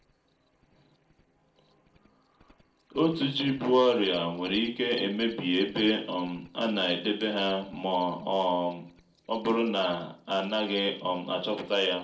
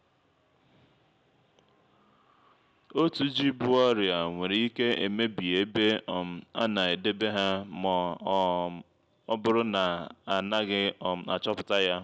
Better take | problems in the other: second | noise reduction (neural separator model SepFormer DNS4)

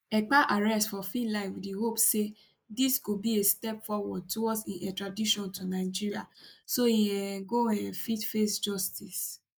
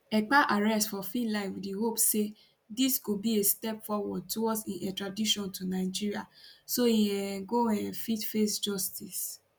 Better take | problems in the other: second | noise reduction (neural mask model Resemble Enhance denoiser)

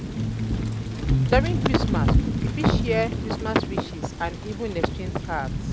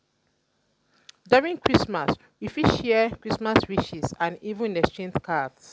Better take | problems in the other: second | background sound (Thunder / Rain + Electric guitar); 3 dB above the speech

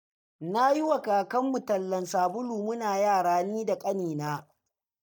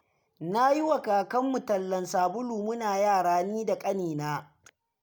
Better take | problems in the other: second | noise reduction (neural mask model DeepFilterNet 3)

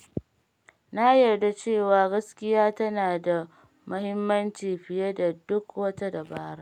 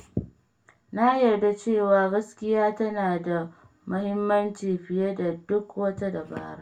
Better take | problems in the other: first | room echo; dies away in 0.2 s

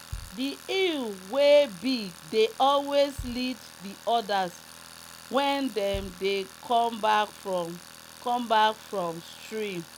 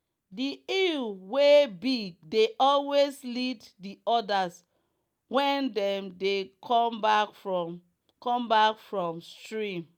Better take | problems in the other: second | background sound (Bass drum + Tools); 17 dB below the speech

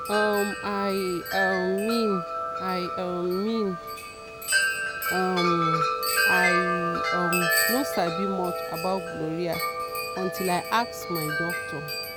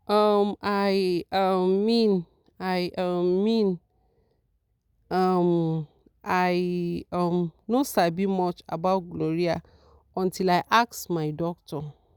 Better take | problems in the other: second | background sound (Wind chime); 1 dB above the speech

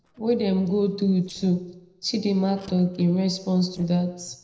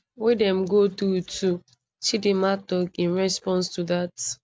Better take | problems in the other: second | noise reduction (neural separator model SepFormer DNS4)

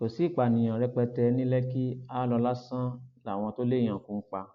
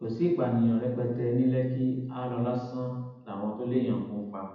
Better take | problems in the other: first | room echo; dies away in 0.9 s

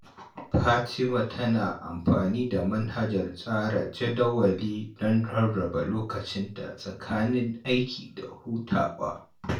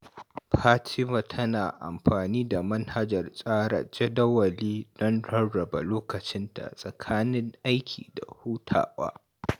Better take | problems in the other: second | room echo; dies away in 0.3 s

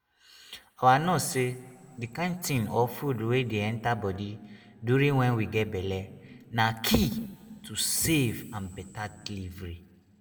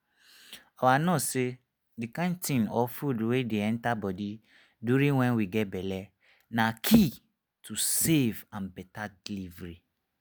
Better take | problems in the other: second | room echo; dies away in 1.3 s

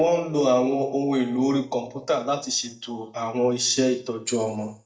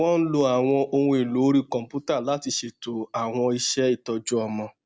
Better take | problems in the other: second | noise reduction (neural mask model DeepFilterNet 3)

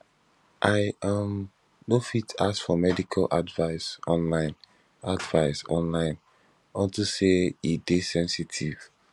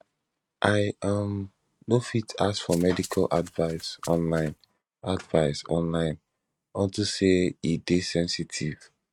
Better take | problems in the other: first | noise reduction (neural mask model RNNoise)

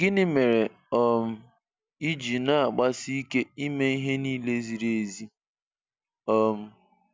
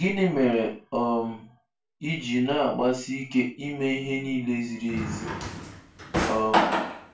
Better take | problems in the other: first | background sound (Drawer open or close); 1 dB below the speech // room echo; dies away in 0.3 s

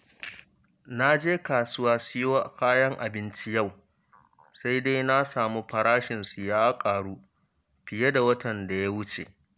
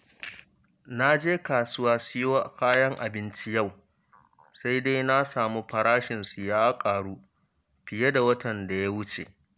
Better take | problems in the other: first | background sound (Glass); 16 dB below the speech

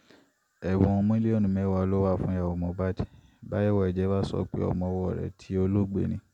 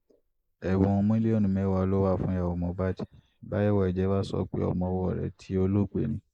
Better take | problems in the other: first | noise reduction (neural mask model Resemble Enhance denoiser)

